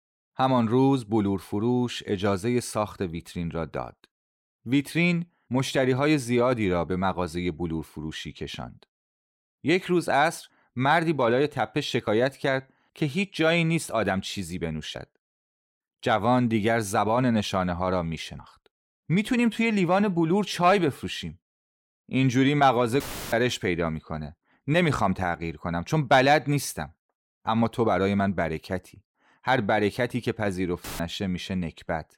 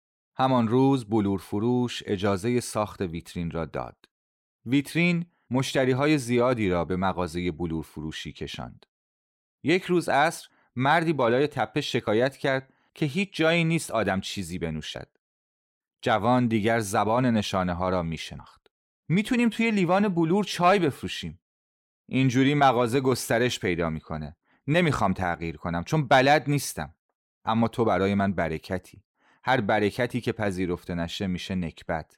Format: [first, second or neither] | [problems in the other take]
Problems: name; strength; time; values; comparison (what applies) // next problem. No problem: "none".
second | audio cutting out; filled with static; at 23 s and at 31 s